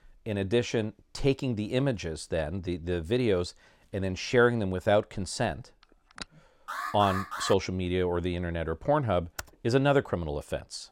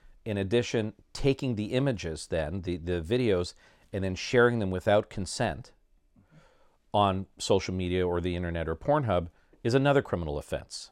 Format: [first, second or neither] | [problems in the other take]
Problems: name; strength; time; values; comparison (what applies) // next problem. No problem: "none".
second | phone ringing; faint; at 6 s; peak 15 dB below the speech // alarm; noticeable; at 6.5 s; peak 5 dB below the speech // keyboard typing; very faint; at 9.5 s; peak 15 dB below the speech